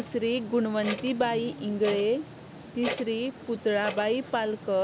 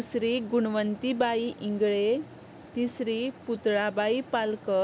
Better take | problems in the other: second | background sound (Clock); 12 dB below the speech

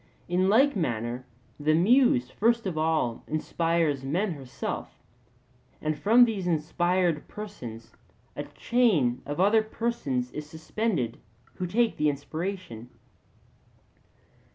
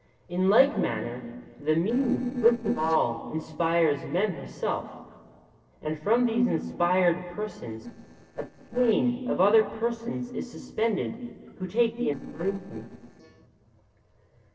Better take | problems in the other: first | noise reduction (neural separator model SepFormer DNS4)

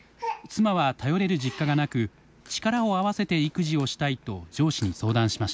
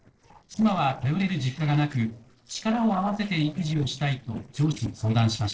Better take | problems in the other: first | noise reduction (neural separator model SepFormer DNS4)

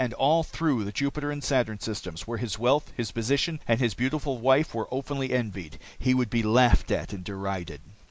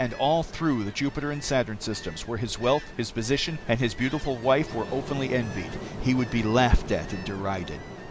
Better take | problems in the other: first | background sound (Ocean); 12 dB below the speech

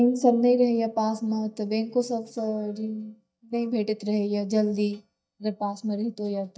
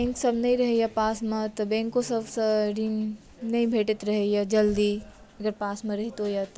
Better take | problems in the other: second | noise reduction (neural mask model DeepFilterNet 3)

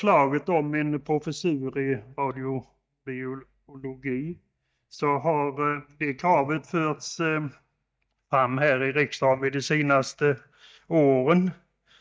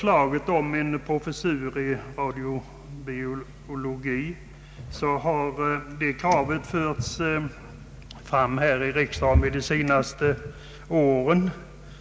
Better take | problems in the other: second | noise reduction (neural mask model DeepFilterNet 3)

